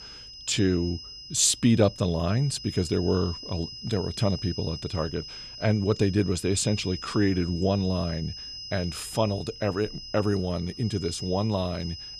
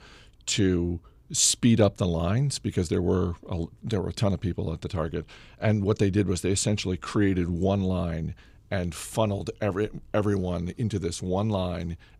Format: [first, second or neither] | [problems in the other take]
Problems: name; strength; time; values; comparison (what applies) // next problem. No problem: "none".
second | high-pitched whine; noticeable; throughout; 5 kHz, 10 dB below the speech